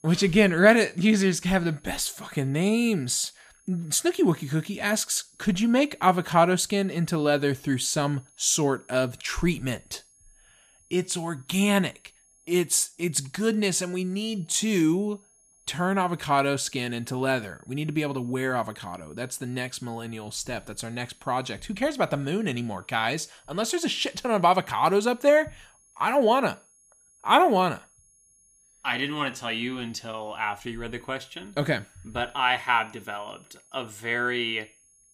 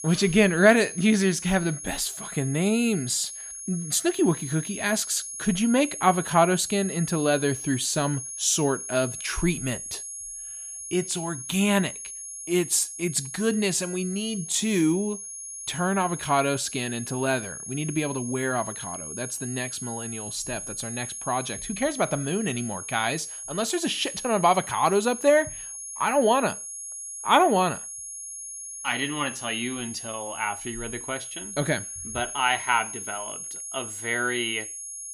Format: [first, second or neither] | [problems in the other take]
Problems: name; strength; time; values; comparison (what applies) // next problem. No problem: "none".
first | high-pitched whine; loud; throughout; 10.5 kHz, 9 dB below the speech; faint in the first